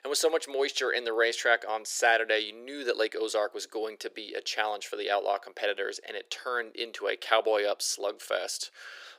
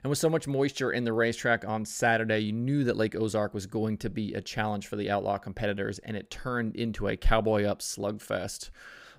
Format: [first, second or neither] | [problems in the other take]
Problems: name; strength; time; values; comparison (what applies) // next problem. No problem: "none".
second | thin; very; fading below 400 Hz